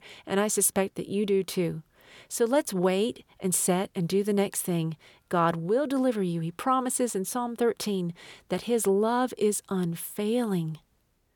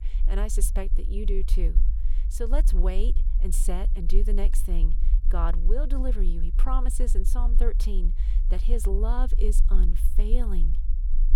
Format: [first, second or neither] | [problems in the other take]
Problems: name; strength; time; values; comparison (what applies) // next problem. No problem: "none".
first | low rumble; noticeable; throughout; 15 dB below the speech